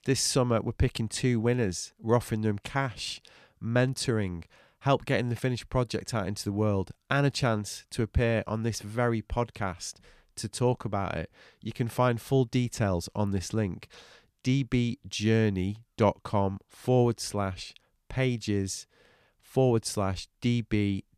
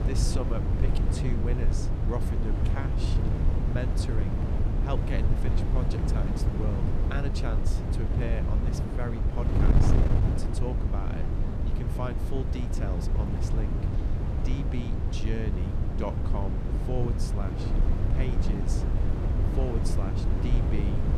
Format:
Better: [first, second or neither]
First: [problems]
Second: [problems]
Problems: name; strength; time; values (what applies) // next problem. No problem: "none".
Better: first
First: none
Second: wind noise on the microphone; heavy; 1 dB above the speech